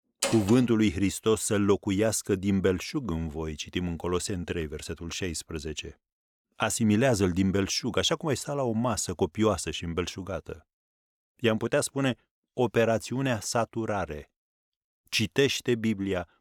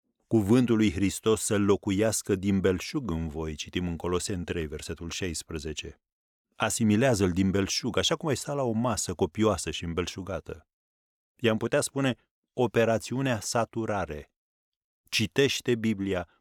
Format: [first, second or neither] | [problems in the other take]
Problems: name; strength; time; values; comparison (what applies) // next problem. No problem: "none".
second | door banging; noticeable; at the start; peak 3 dB below the speech